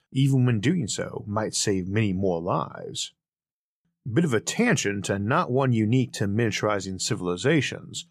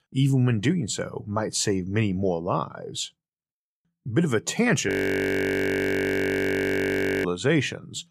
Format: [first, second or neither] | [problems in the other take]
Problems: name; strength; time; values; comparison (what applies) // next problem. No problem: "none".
first | audio freezing; at 5 s for 2.5 s